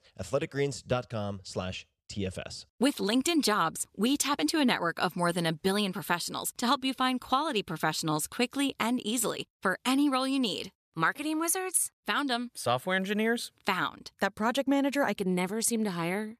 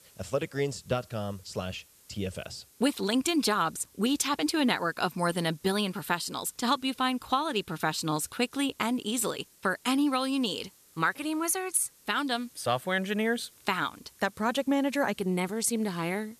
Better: first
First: none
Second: hiss; faint; throughout; 25 dB below the speech

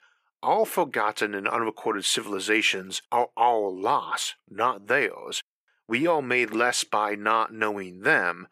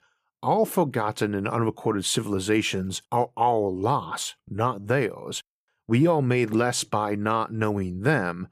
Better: second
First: thin; somewhat; fading below 350 Hz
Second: none

